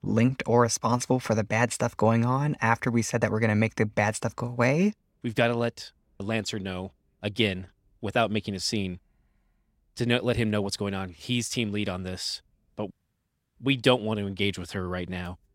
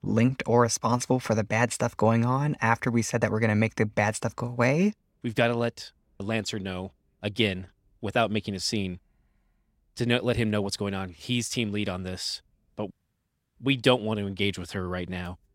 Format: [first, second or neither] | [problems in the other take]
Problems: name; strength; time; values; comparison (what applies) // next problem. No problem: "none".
neither | none